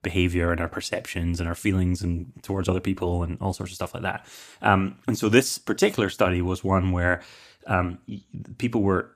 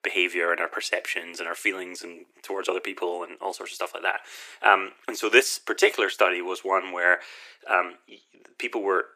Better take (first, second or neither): first